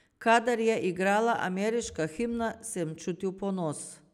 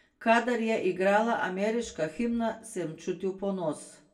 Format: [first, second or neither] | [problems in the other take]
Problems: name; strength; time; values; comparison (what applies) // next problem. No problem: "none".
first | room echo; dies away in 0.2 s